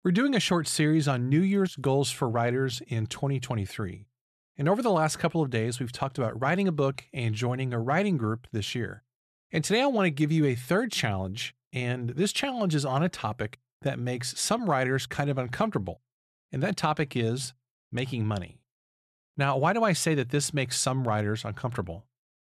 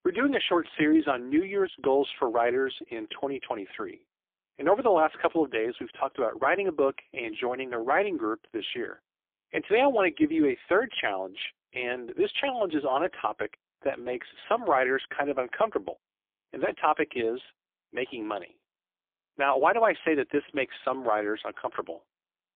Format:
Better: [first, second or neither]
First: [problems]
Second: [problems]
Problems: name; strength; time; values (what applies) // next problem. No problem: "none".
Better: first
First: none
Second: phone-call audio; poor line; nothing above 3.5 kHz